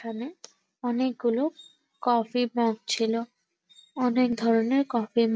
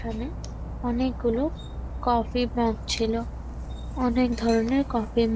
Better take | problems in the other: first | background sound (Dog); 8 dB below the speech

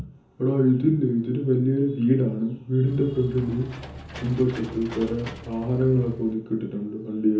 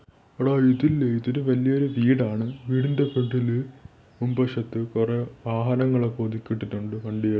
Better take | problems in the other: second | background sound (Engine / Mechanisms); 16 dB below the speech // room echo; dies away in 0.6 s

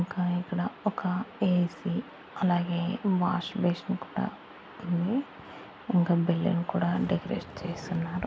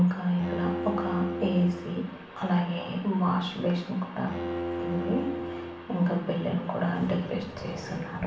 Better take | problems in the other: first | background sound (Bowed string instrument); 8 dB below the speech // room echo; dies away in 0.6 s

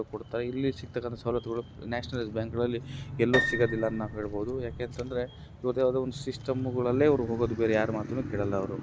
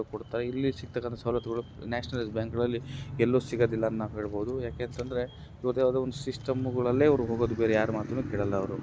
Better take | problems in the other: second | background sound (Piano); 5 dB below the speech

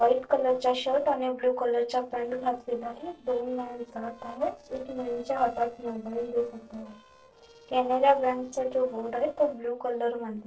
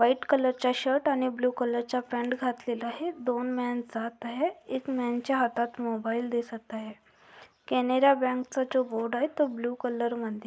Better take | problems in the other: second | noise reduction (neural separator model SepFormer DNS4)

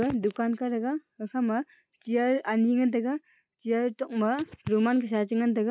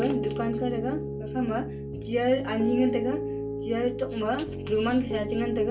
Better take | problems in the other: first | background sound (Piano); 4 dB below the speech // room echo; dies away in 0.2 s

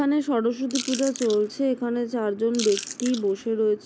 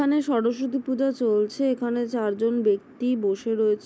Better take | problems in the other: second | background sound (Chewing, mastication / Crushing); 11 dB below the speech

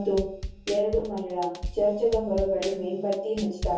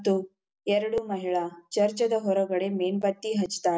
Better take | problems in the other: second | background sound (Drum kit); 10 dB below the speech // room echo; dies away in 0.6 s

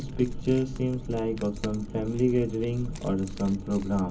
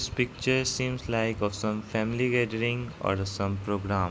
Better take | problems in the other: second | background sound (Keys jangling); 11 dB below the speech // room echo; dies away in 0.3 s

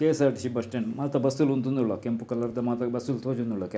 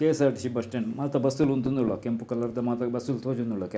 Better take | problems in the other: first | background sound (Knock); 12 dB below the speech

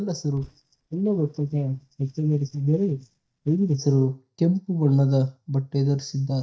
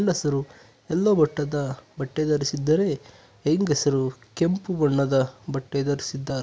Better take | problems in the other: second | noise reduction (neural mask model DeepFilterNet 3)

